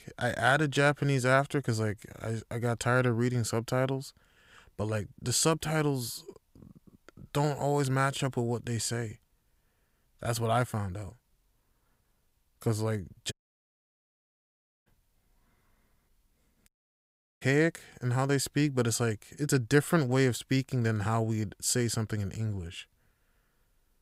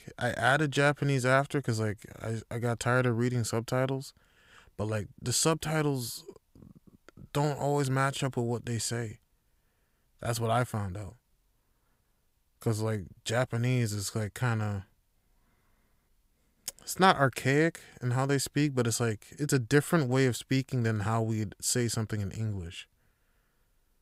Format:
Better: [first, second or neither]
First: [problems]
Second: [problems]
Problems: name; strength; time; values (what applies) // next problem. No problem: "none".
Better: second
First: audio cutting out; at 13 s for 1.5 s and at 17 s for 0.5 s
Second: none